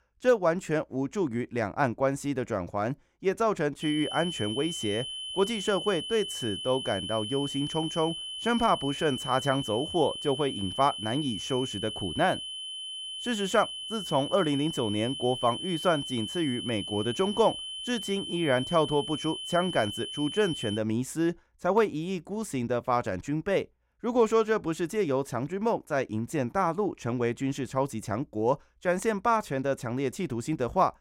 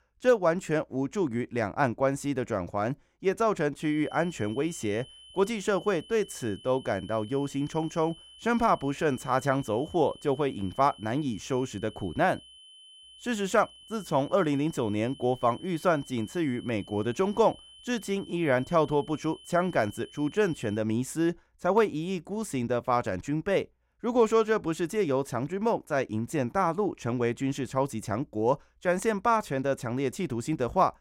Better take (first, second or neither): second